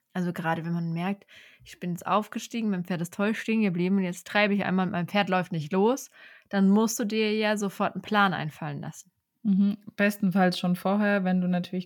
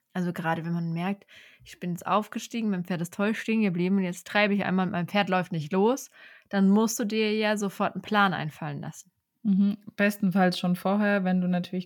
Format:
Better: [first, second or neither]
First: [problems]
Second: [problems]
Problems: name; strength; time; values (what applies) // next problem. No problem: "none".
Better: neither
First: none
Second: none